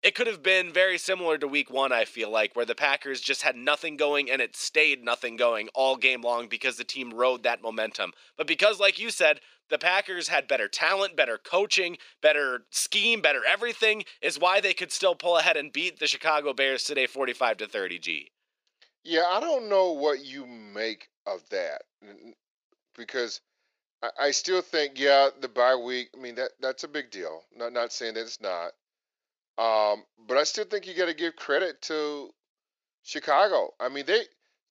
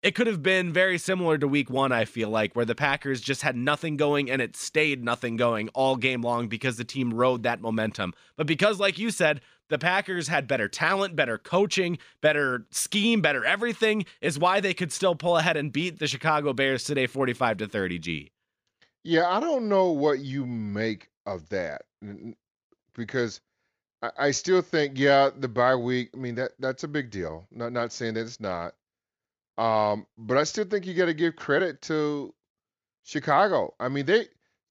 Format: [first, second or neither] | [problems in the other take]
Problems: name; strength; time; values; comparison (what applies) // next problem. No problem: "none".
second | thin; somewhat; fading below 350 Hz